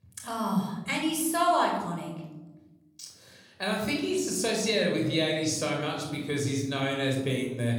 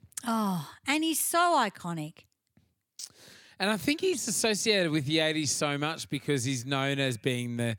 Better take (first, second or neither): second